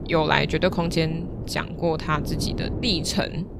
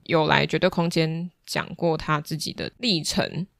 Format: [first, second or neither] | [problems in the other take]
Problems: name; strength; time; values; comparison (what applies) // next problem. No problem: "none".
second | wind noise on the microphone; occasional gusts; 15 dB below the speech